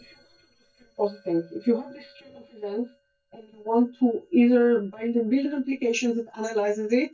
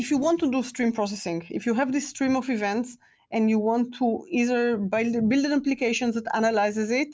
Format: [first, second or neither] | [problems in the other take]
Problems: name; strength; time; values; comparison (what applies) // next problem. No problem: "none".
second | noise reduction (neural mask model DeepFilterNet 3)